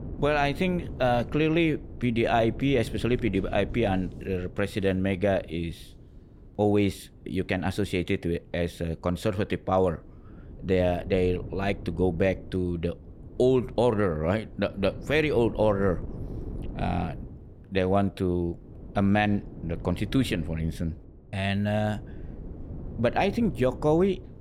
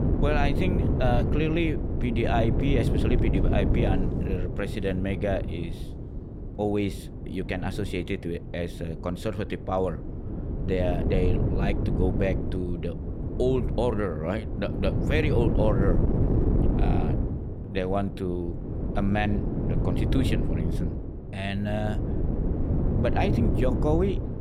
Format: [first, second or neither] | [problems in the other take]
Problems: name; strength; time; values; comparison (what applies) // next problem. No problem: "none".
first | wind noise on the microphone; heavy; 5 dB below the speech; occasional gusts in the first